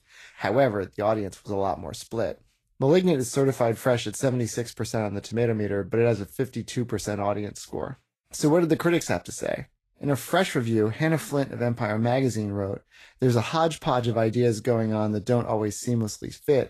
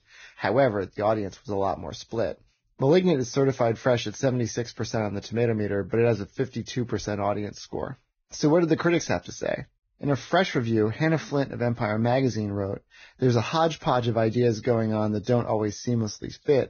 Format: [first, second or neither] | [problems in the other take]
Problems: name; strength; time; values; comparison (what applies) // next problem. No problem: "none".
first | garbled, watery; badly; nothing above 6.5 kHz; slightly in the first